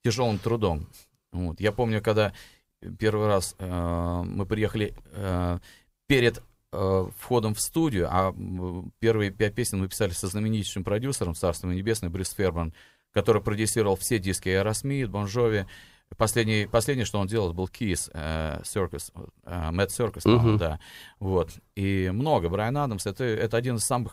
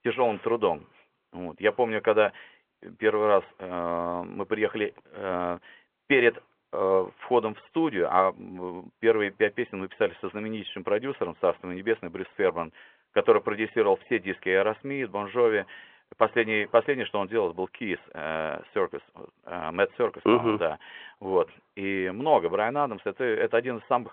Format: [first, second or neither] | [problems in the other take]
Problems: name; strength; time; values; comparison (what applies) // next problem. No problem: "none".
first | phone-call audio; nothing above 3.5 kHz